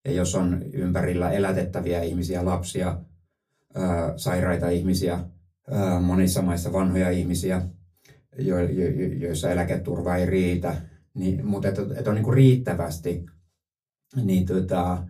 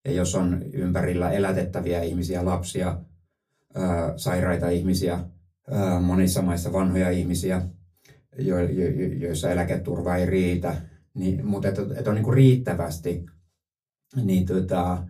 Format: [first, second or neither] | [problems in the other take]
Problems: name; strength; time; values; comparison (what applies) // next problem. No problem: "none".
neither | off-mic speech; far; the same in both // room echo; very slight; dies away in 0.2 s; the same in both